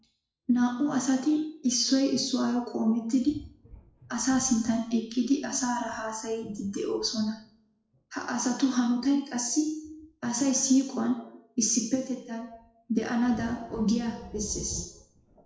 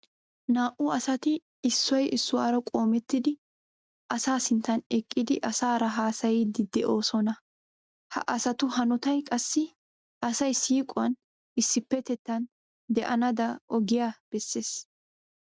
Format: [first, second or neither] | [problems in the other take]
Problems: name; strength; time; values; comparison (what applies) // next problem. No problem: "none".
second | noise reduction (classical method WPE with log-MMSE)